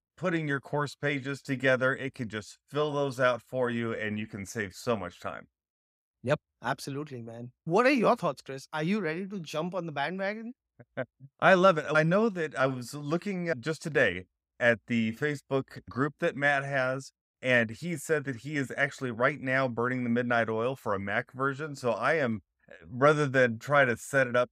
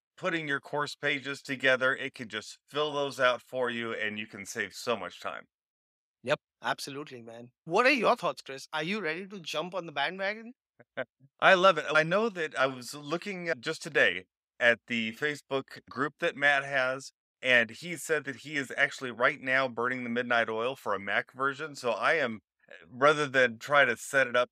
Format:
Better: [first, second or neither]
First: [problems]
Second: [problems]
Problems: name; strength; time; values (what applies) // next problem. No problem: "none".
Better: first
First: none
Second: thin; very slightly; fading below 450 Hz